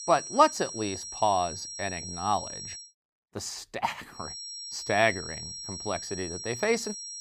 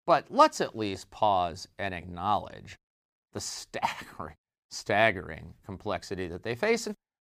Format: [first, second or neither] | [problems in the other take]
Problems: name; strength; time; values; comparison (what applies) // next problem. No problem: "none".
second | high-pitched whine; loud; until 3 s and from 4 s on; 5.5 kHz, 8 dB below the speech